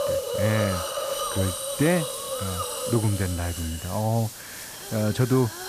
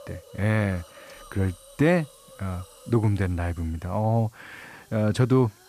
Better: second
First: hiss; loud; throughout; 4 dB below the speech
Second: hiss; faint; throughout; 25 dB below the speech

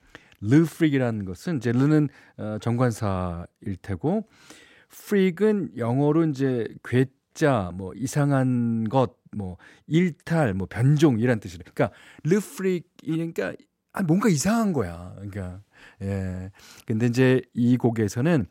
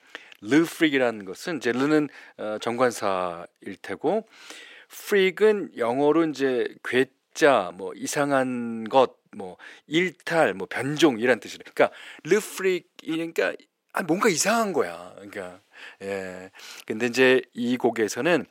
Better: first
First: none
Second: thin; somewhat; fading below 450 Hz

